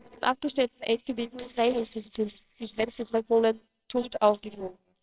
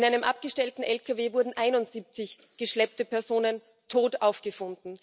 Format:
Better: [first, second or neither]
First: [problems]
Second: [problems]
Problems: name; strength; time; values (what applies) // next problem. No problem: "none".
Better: second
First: noise reduction (neural separator model SepFormer WHAMR!)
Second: none